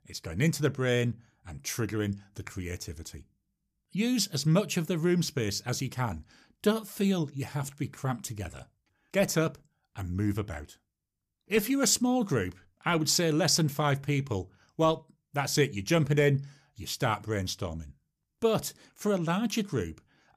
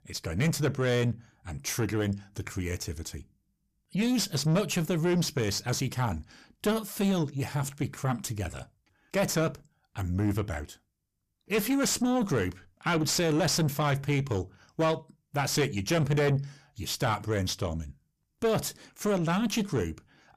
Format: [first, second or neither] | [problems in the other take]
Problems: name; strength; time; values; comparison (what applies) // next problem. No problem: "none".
first | distortion; slight; 9 dB below the speech